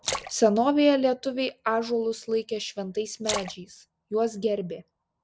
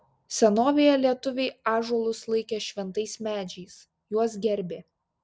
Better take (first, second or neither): second